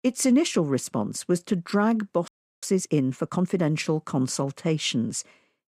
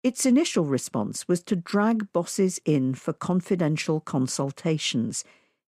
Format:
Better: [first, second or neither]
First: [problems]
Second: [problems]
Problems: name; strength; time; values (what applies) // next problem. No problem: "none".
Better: second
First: audio freezing; at 2.5 s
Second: none